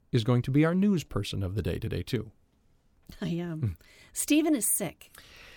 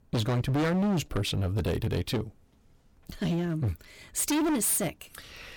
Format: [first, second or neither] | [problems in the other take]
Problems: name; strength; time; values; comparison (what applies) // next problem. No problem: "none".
first | distortion; heavy; 20% of the sound clipped